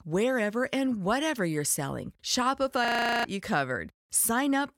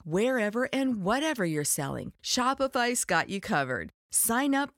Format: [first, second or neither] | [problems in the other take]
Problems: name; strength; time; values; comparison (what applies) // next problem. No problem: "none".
second | audio freezing; at 3 s